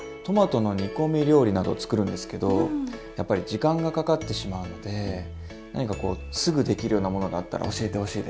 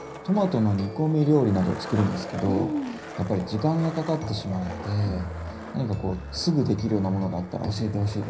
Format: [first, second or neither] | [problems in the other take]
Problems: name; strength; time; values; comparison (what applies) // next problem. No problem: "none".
first | background sound (Skateboard); 15 dB below the speech // room echo; dies away in 0.4 s